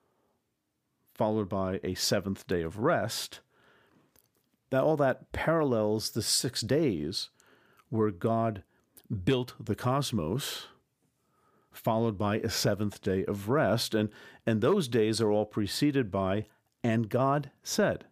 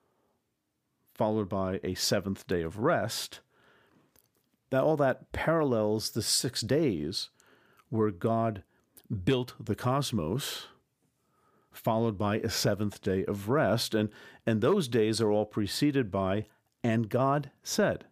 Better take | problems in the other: neither | none

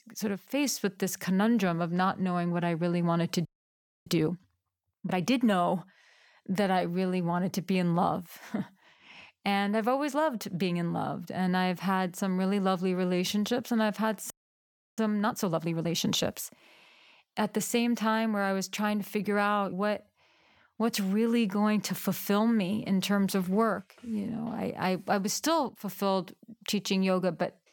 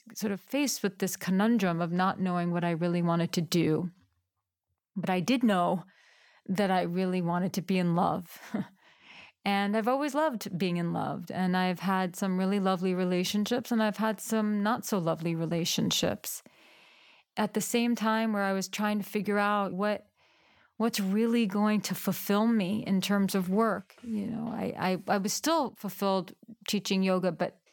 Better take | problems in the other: second | audio freezing; at 3.5 s for 0.5 s and at 14 s for 0.5 s

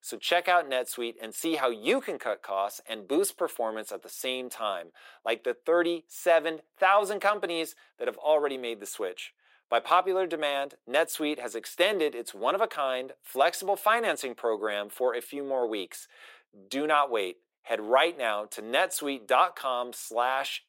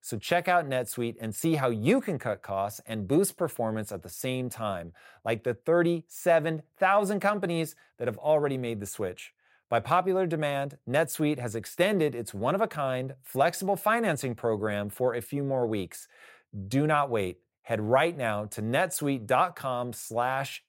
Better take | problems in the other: second | thin; somewhat; fading below 300 Hz

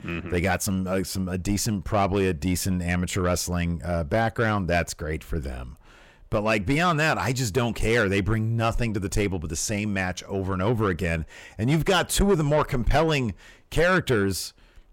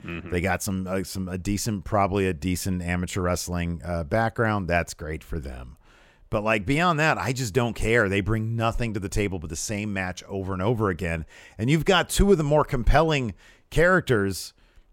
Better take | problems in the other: second | distortion; slight; 10 dB below the speech

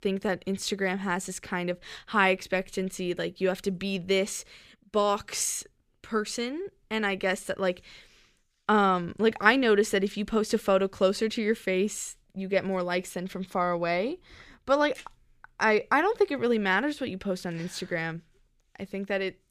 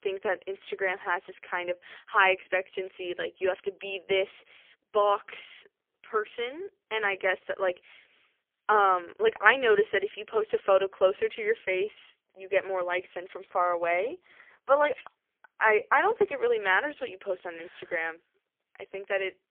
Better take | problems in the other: first | phone-call audio; poor line; nothing above 3 kHz

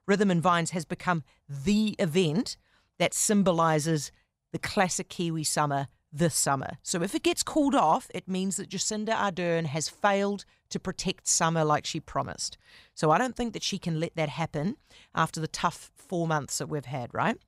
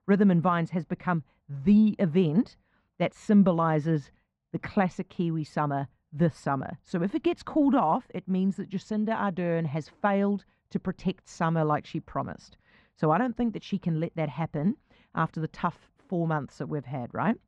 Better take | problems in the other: first | muffled; very; fading above 2 kHz

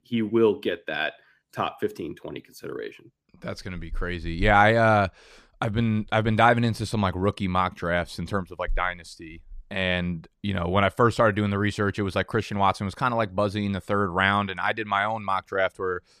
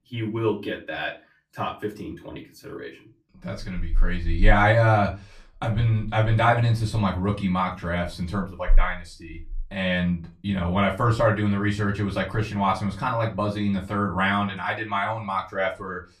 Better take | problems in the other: first | off-mic speech; far // room echo; very slight; dies away in 0.2 s

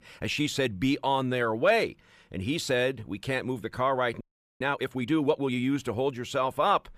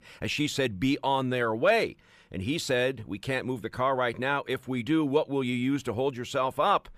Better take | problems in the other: second | audio freezing; at 4 s

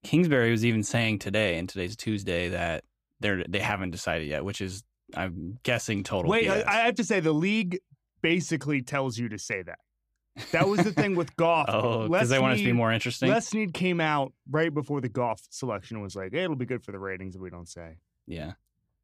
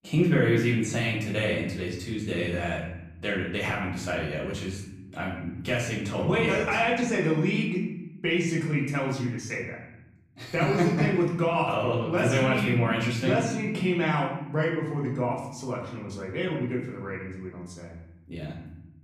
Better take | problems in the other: first | room echo; noticeable; dies away in 0.9 s // off-mic speech; far

